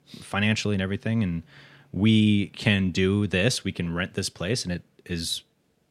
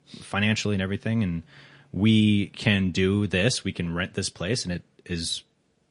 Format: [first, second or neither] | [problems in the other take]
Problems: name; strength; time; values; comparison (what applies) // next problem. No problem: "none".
first | garbled, watery; slightly; nothing above 10.5 kHz